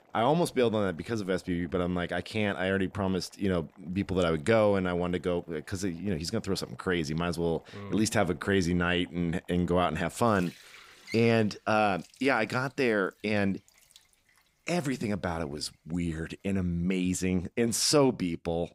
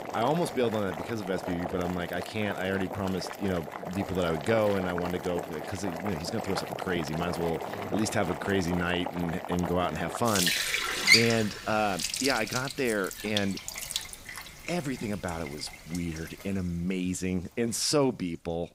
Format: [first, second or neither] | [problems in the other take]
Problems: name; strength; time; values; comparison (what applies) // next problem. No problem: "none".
first | household noises; loud; throughout; 1 dB below the speech; faint in the first